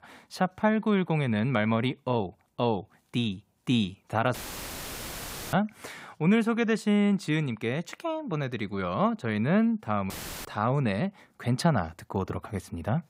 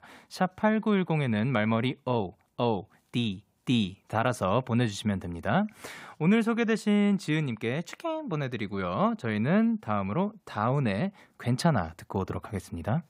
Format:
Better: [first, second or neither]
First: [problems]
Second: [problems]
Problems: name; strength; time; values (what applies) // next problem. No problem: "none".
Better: second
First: audio cutting out; filled with static; at 4.5 s for 1 s and at 10 s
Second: none